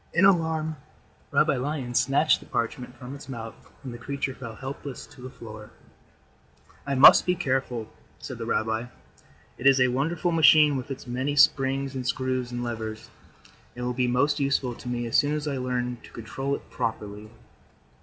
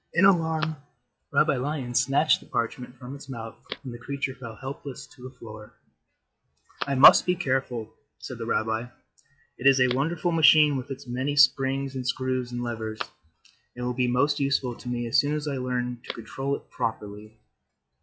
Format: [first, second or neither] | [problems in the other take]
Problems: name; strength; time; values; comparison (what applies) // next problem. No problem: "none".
first | noise reduction (classical method log-MMSE)